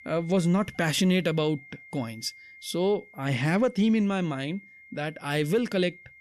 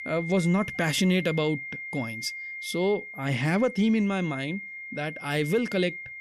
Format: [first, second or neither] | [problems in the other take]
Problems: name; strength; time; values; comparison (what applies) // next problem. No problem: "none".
first | high-pitched whine; loud; throughout; 2 kHz, 9 dB below the speech; faint in the first